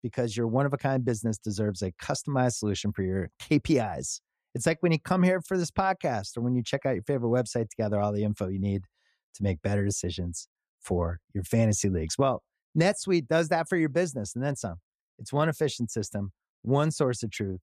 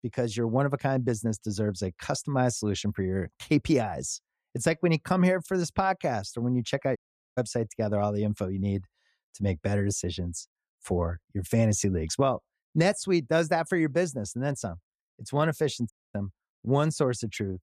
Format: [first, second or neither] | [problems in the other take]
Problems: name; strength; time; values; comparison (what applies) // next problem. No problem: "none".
first | audio cutting out; at 7 s and at 16 s